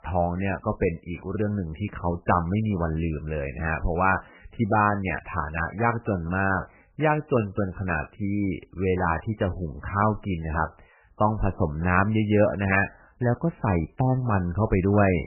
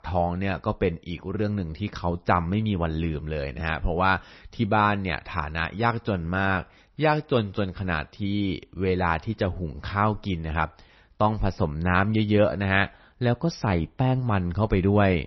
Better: second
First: garbled, watery; badly; nothing above 2.5 kHz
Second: garbled, watery; slightly; nothing above 6 kHz

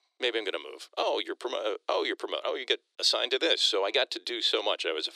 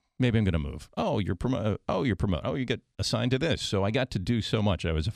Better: second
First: thin; very; fading below 350 Hz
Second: none

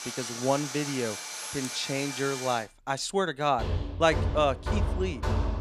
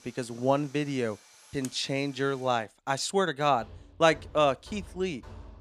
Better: second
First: machinery noise; loud; throughout; 4 dB below the speech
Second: machinery noise; faint; throughout; 25 dB below the speech

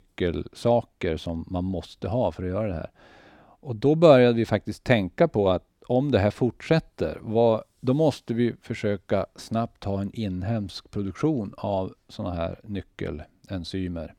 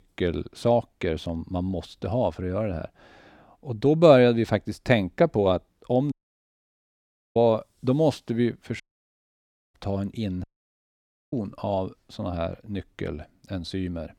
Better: first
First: none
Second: audio cutting out; at 6 s for 1 s, at 9 s for 1 s and at 10 s for 1 s

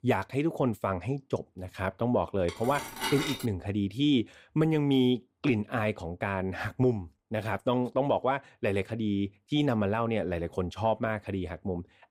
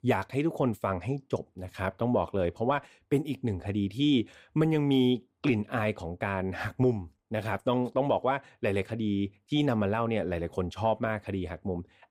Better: second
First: clattering dishes; noticeable; at 2.5 s; peak 2 dB below the speech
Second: none

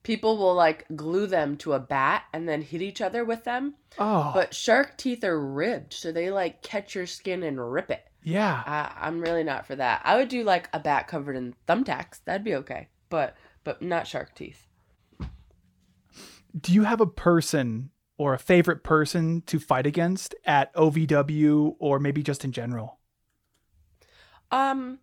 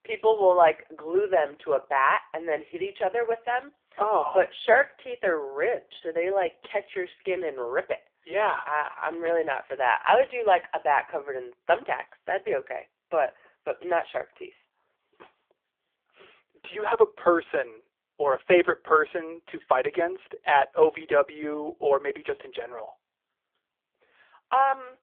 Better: first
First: none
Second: phone-call audio; poor line; nothing above 3.5 kHz

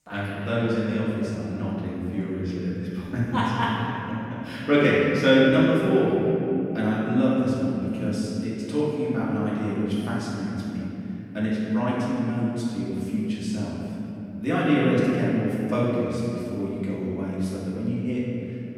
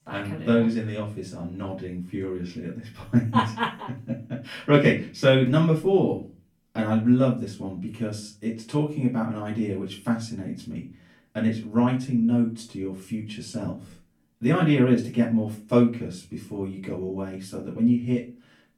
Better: second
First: room echo; strong; dies away in 3 s // off-mic speech; far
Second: room echo; slight; dies away in 0.3 s // off-mic speech; far

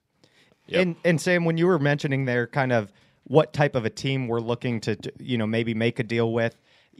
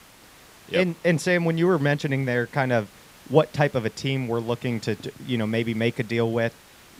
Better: first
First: none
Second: hiss; faint; throughout; 25 dB below the speech

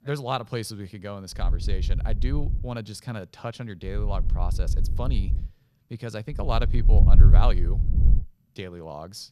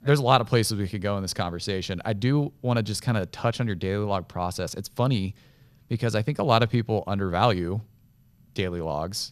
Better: second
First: wind noise on the microphone; heavy; from 1.5 to 2.5 s, from 4 to 5.5 s and from 6.5 to 8 s; 8 dB below the speech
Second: none

